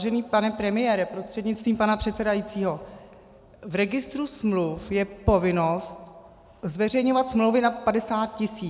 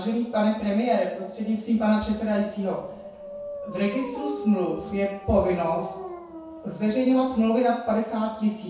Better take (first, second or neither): first